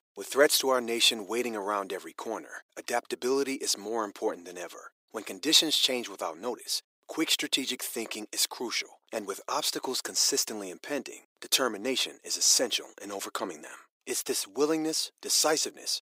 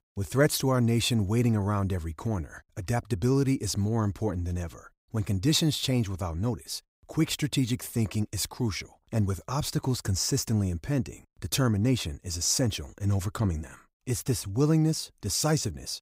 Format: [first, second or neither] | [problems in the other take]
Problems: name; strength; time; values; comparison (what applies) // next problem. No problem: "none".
second | thin; very; fading below 350 Hz